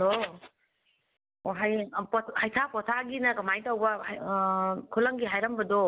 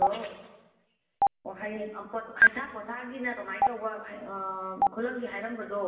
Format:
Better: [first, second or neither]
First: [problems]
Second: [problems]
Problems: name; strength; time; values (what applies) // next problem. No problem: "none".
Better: first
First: none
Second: background sound (Stream); 5 dB above the speech // room echo; dies away in 1.1 s